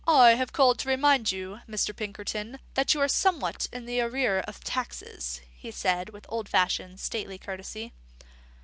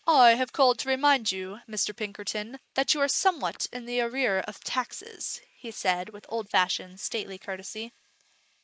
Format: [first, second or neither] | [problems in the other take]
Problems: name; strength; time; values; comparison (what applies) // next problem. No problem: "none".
first | noise reduction (neural mask model Resemble Enhance denoiser)